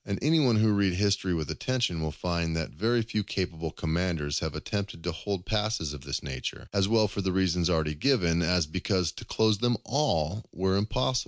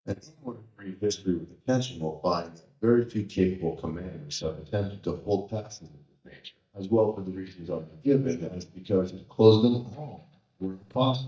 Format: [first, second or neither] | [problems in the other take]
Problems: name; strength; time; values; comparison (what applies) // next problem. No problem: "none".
first | noise reduction (neural mask model DeepFilterNet 3)